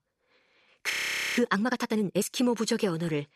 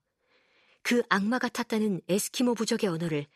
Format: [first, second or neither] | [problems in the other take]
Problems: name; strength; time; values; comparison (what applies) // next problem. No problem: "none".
second | audio freezing; at 1 s